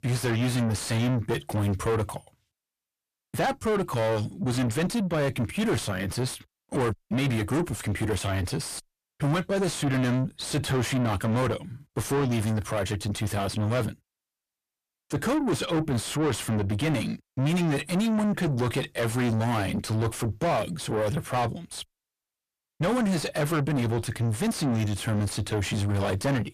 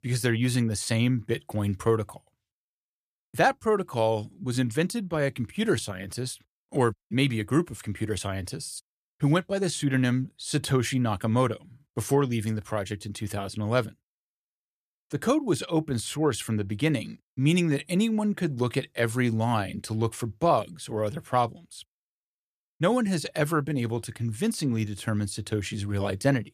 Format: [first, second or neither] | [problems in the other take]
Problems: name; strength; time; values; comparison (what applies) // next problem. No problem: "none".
second | distortion; heavy; 6 dB below the speech